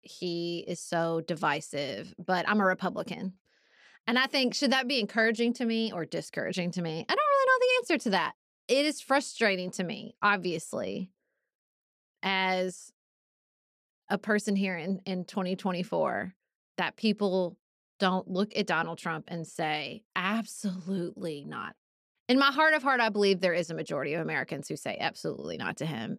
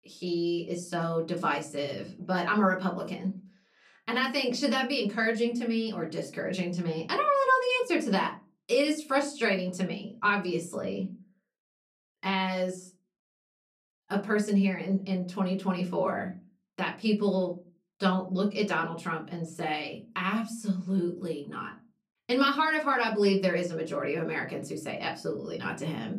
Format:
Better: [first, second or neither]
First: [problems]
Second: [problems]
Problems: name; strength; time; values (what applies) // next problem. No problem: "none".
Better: first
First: none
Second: off-mic speech; far // room echo; very slight; dies away in 0.3 s